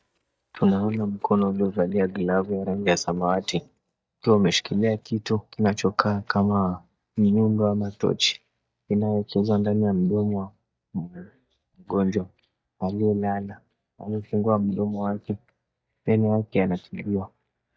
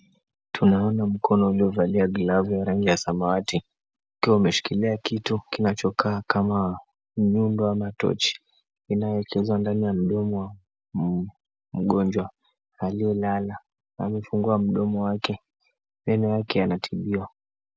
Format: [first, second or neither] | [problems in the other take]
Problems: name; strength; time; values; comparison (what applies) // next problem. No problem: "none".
second | noise reduction (neural mask model DeepFilterNet 3)